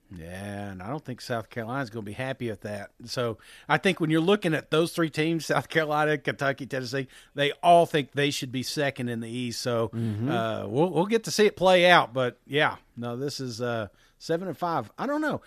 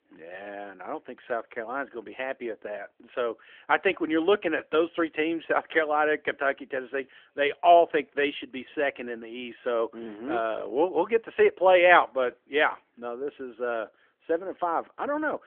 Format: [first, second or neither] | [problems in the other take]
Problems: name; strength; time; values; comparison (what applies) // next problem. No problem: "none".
first | phone-call audio; nothing above 3.5 kHz